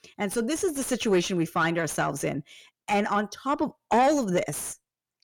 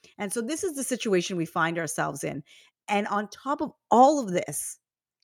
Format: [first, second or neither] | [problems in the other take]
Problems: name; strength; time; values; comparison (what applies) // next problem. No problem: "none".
second | distortion; heavy; 7 dB below the speech